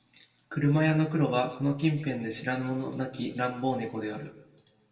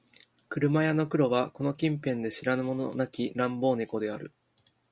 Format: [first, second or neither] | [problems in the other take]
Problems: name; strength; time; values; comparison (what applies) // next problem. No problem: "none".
second | room echo; dies away in 0.8 s